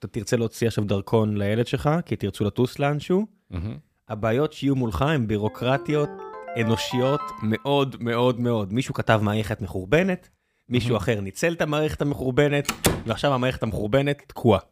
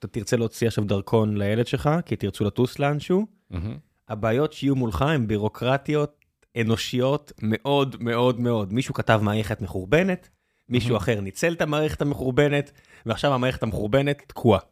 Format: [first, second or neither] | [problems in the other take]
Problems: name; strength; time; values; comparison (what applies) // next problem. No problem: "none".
second | phone ringing; noticeable; from 5.5 to 7.5 s; peak 8 dB below the speech // door banging; loud; at 13 s; peak 1 dB above the speech